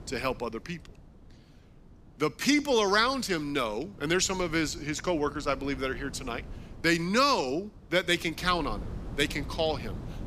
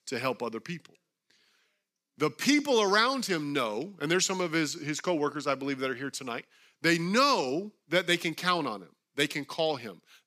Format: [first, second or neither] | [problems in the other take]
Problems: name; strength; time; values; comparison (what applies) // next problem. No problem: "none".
second | wind noise on the microphone; occasional gusts; 25 dB below the speech